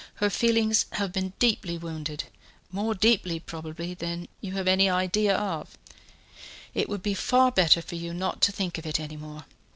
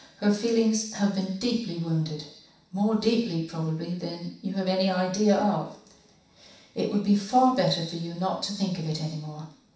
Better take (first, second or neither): first